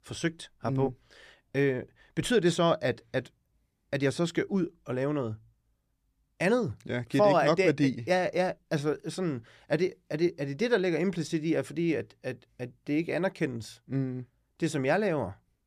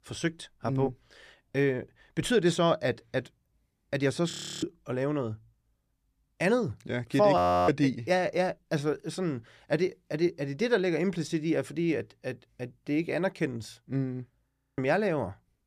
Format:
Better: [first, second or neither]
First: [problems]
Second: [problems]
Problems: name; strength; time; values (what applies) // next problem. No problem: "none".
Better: first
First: none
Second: audio freezing; at 4.5 s, at 7.5 s and at 14 s